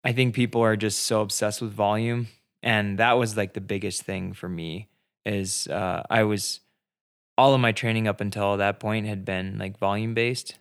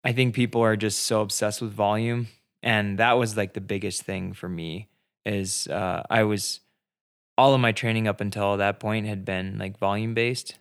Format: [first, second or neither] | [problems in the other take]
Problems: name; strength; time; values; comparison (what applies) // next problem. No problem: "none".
neither | none